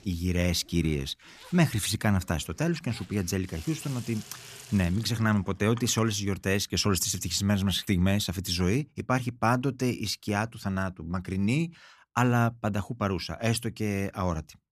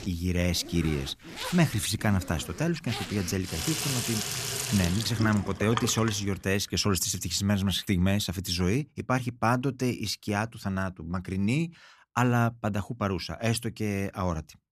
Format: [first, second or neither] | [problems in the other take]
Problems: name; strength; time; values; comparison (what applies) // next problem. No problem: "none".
first | household noises; loud; until 6.5 s; 5 dB below the speech; faint in the first